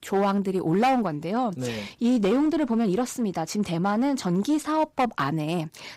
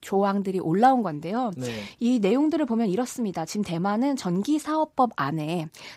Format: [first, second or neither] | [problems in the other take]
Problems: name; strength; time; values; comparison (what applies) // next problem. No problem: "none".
second | distortion; slight; 9% of the sound clipped